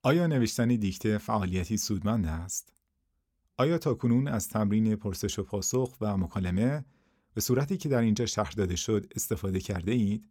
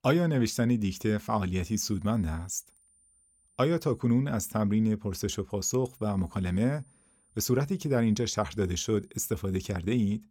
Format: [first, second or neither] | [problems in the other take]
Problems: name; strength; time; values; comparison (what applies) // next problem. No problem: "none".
first | high-pitched whine; faint; from 1.5 to 4 s and from 6 to 9.5 s; 9 kHz, 35 dB below the speech